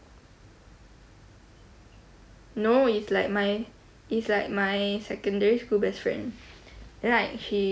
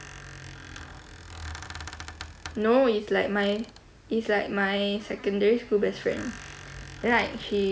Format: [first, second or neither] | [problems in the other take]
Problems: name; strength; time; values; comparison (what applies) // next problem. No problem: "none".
first | background sound (Squeak); 16 dB below the speech